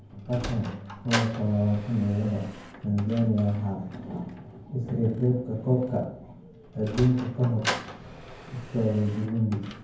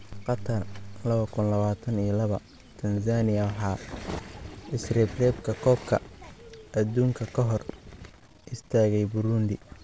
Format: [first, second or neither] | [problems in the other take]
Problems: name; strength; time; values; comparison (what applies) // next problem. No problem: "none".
second | background sound (Sliding door); 12 dB below the speech // room echo; dies away in 0.9 s